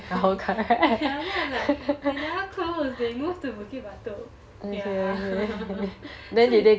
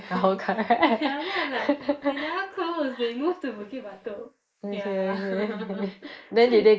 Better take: first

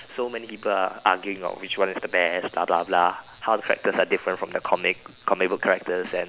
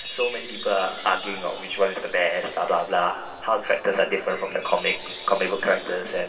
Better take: first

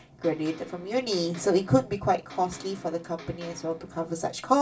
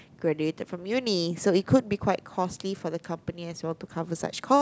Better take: second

